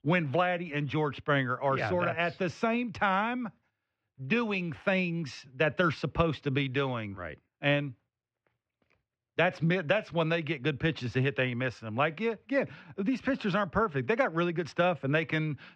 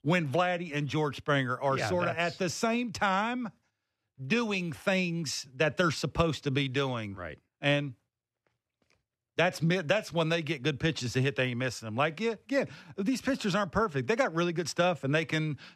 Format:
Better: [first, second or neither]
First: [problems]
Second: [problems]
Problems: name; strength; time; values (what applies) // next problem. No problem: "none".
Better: second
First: muffled; slightly; fading above 2.5 kHz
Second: none